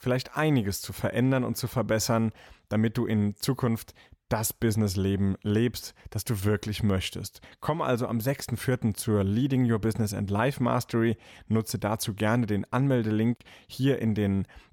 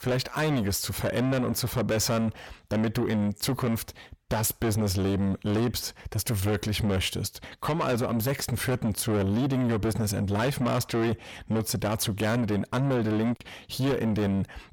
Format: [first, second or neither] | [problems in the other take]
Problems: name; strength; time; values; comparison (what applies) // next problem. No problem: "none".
first | distortion; heavy; 7 dB below the speech